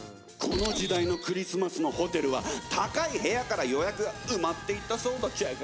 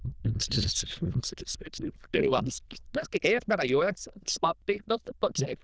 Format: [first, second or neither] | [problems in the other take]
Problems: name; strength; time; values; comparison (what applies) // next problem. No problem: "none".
first | noise reduction (neural diffusion model UNIVERSE++)